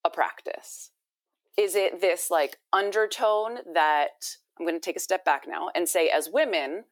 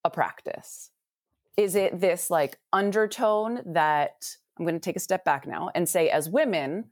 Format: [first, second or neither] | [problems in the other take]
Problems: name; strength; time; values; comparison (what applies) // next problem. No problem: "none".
second | thin; very; fading below 300 Hz